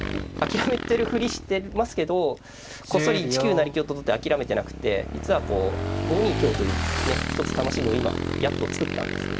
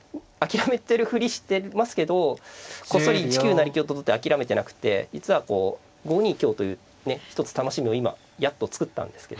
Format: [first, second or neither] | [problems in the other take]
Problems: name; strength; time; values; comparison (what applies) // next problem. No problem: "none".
second | background sound (Motorcycle / Engine); 4 dB below the speech